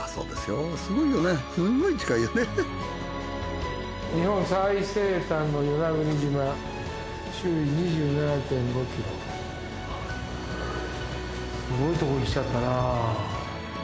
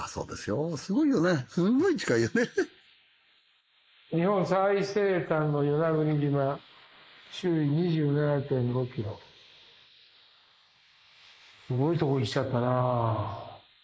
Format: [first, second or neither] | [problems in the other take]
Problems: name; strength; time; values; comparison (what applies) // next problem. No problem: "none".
first | noise reduction (neural mask model Resemble Enhance denoiser)